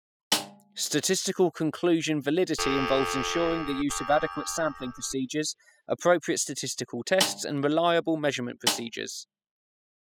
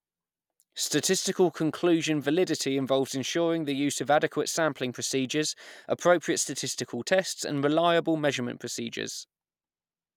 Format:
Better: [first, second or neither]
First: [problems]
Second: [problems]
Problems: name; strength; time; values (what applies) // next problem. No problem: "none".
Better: second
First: noise reduction (classical method spectral subtraction)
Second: none